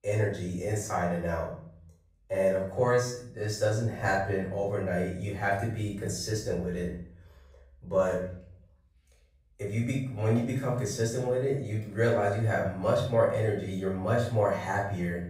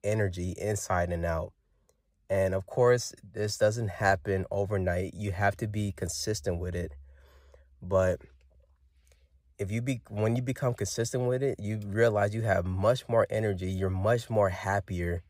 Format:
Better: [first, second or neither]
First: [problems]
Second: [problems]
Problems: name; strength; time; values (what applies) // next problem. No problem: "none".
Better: second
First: off-mic speech; far // room echo; noticeable; dies away in 0.5 s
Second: none